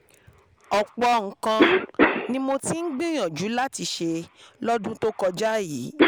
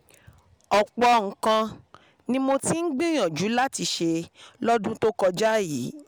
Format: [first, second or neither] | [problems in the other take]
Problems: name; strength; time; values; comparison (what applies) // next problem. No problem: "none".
second | background sound (Cough); 1 dB below the speech